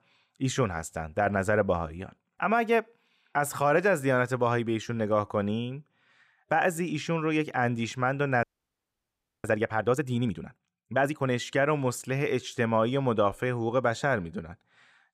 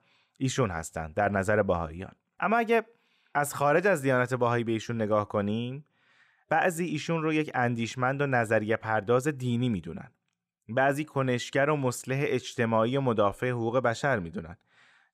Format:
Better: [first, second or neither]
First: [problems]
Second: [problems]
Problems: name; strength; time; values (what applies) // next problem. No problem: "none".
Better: second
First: audio freezing; at 8.5 s for 1 s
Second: none